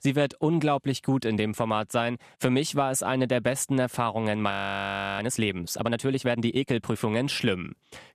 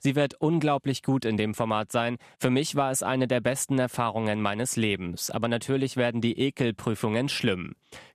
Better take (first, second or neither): second